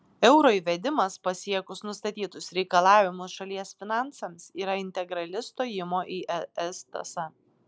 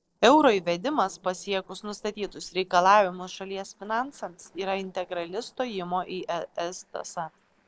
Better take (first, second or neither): first